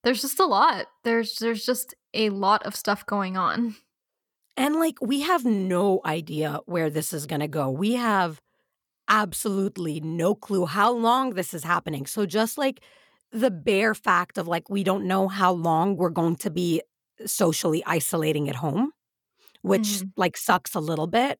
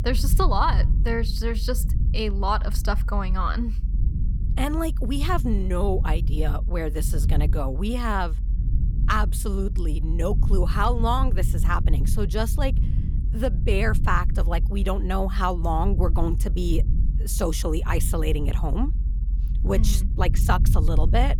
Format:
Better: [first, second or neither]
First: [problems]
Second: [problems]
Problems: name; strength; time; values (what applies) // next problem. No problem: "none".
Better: first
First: none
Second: low rumble; noticeable; throughout; 15 dB below the speech